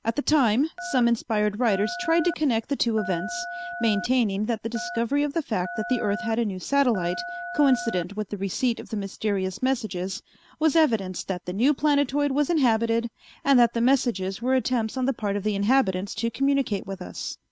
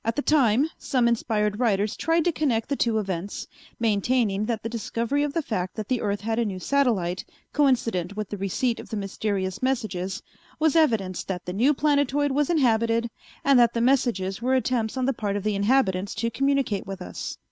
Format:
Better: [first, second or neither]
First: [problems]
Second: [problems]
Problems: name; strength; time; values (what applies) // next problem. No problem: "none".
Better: second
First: background sound (Telephone); 11 dB below the speech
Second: none